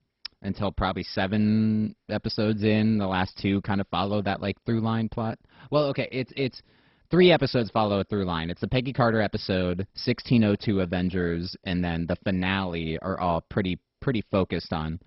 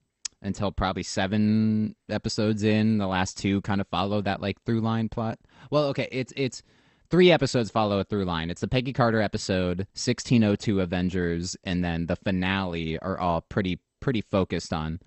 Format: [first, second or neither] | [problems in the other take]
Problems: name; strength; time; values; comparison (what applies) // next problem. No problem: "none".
second | garbled, watery; badly; nothing above 5.5 kHz; slightly in the second